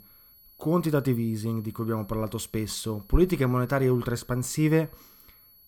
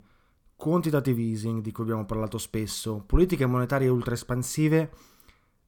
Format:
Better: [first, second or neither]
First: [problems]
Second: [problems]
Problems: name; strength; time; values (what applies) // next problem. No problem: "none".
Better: second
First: high-pitched whine; faint; throughout; 11.5 kHz, 25 dB below the speech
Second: none